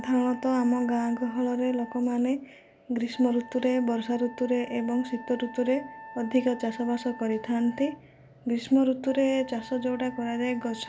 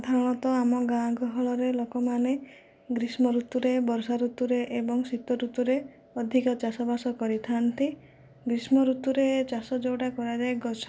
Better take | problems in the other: second | background sound (Wind instrument, woodwind instrument); 18 dB below the speech

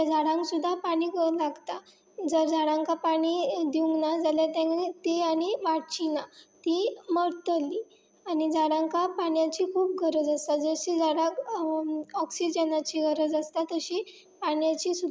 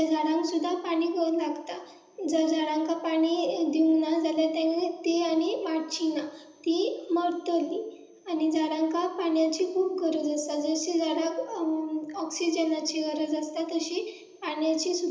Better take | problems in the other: first | room echo; dies away in 0.8 s

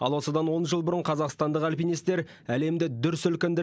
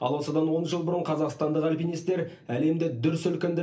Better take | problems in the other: first | room echo; dies away in 0.3 s

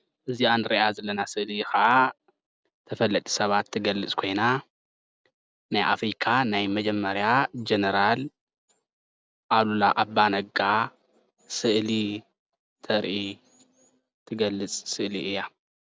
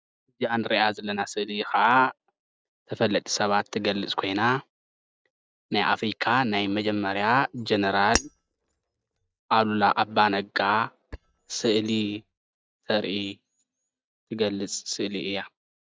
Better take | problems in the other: first | noise reduction (neural mask model DeepFilterNet 3)

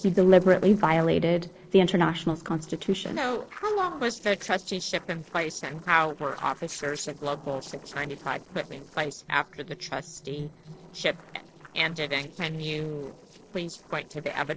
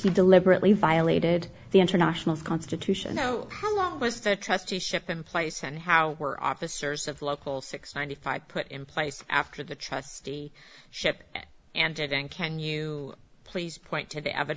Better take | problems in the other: second | noise reduction (neural separator model SepFormer DNS4)

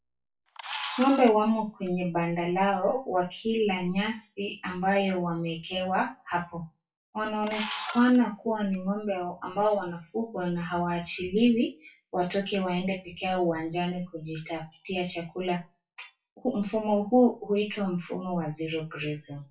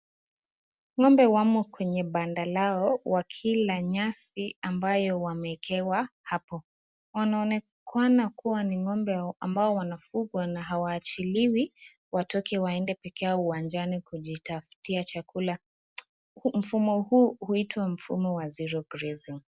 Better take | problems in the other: second | noise reduction (classical method WPE with log-MMSE)

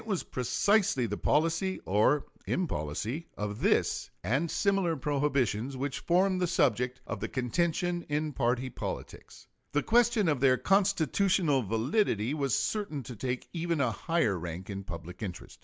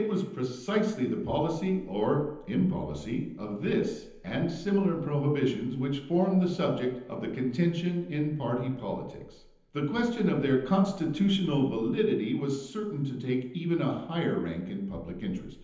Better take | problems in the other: first | room echo; dies away in 0.9 s

